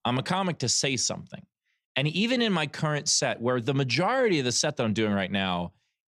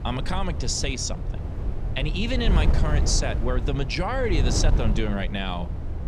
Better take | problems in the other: first | wind noise on the microphone; heavy; 10 dB below the speech

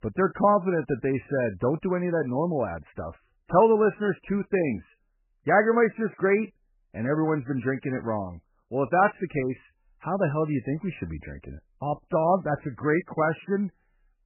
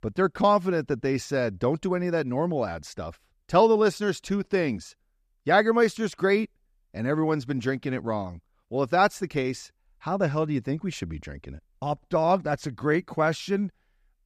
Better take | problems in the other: second | garbled, watery; badly; nothing above 2.5 kHz

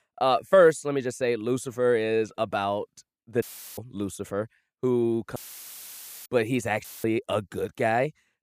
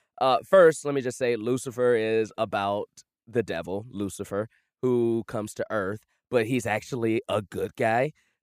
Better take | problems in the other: second | audio cutting out; filled with static; at 3.5 s, at 5.5 s for 1 s and at 7 s

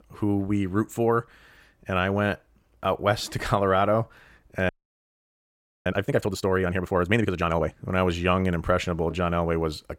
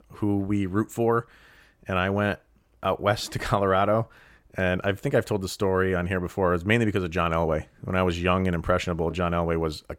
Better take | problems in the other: second | audio freezing; at 4.5 s for 1 s

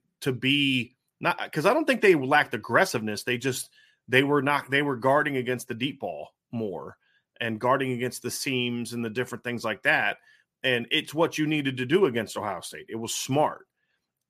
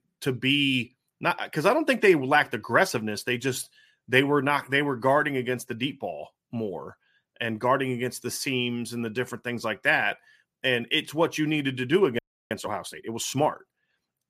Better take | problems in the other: first | audio freezing; at 12 s

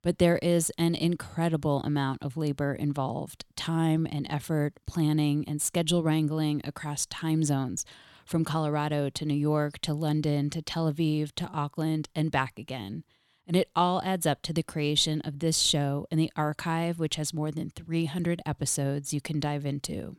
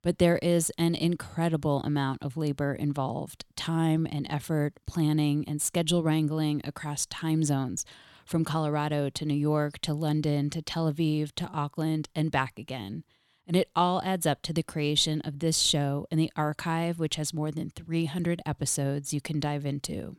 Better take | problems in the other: neither | none

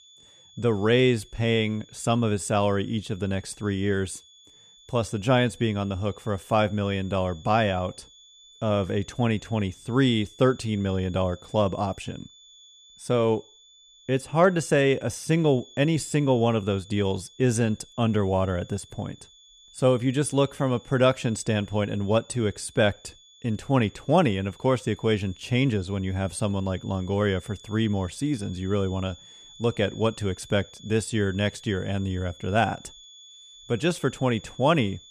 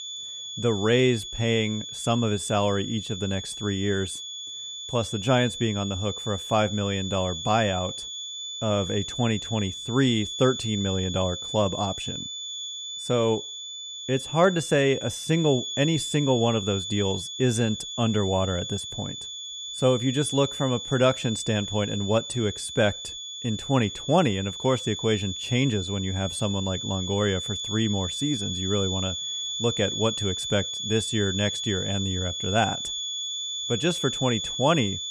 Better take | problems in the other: first | high-pitched whine; loud; throughout; 3.5 kHz, 5 dB below the speech; faint in the first

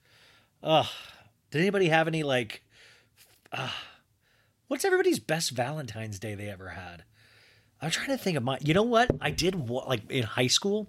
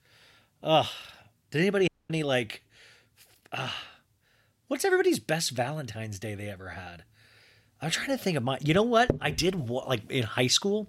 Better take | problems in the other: first | audio cutting out; at 2 s

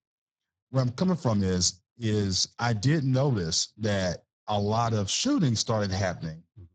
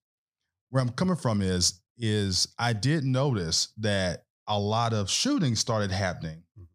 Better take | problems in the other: second | garbled, watery; badly; nothing above 7.5 kHz

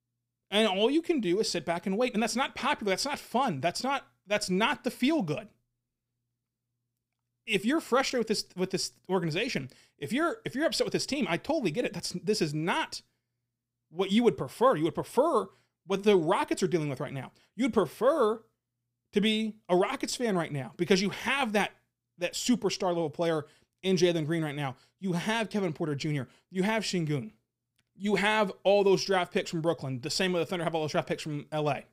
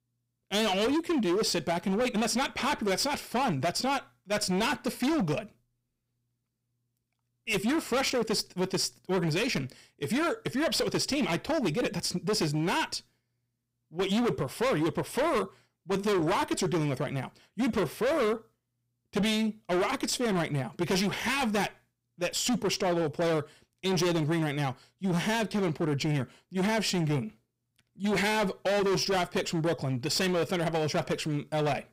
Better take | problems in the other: first | distortion; heavy; 18% of the sound clipped

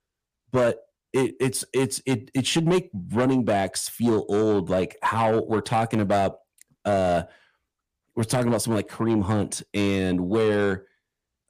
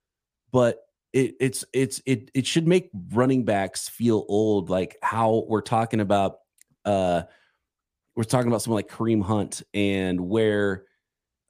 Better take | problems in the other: second | distortion; slight; 10 dB below the speech

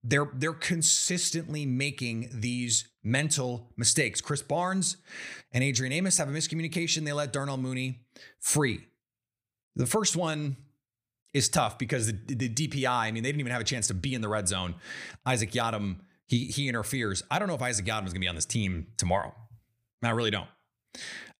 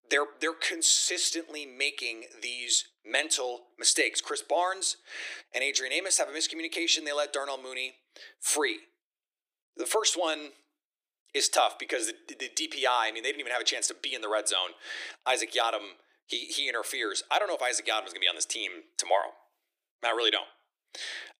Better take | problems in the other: first | thin; very; fading below 300 Hz

